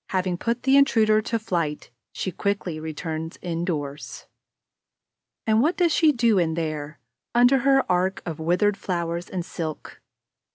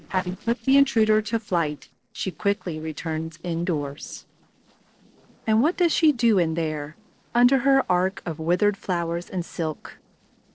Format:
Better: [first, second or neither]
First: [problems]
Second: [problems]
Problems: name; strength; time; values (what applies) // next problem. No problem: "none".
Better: first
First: none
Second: noise reduction (neural separator model SepFormer DNS4)